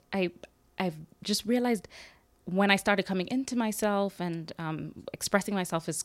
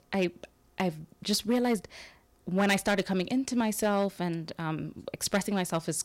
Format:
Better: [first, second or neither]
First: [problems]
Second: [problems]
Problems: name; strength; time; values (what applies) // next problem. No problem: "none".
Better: first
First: none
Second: distortion; slight; 4% of the sound clipped